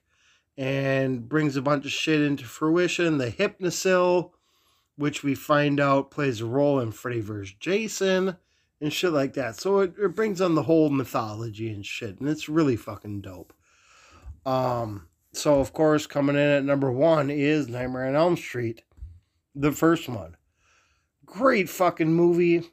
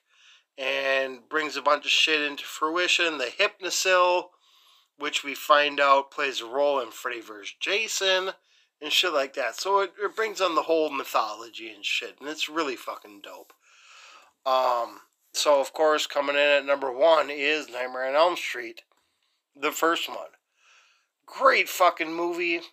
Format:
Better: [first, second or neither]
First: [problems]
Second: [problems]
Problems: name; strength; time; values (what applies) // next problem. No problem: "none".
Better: first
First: none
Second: thin; very; fading below 550 Hz